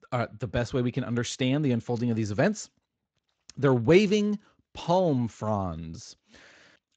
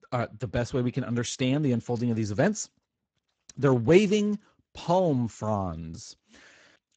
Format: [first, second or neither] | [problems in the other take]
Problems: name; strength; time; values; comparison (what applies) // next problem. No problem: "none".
first | garbled, watery; badly; nothing above 7.5 kHz; slightly in the first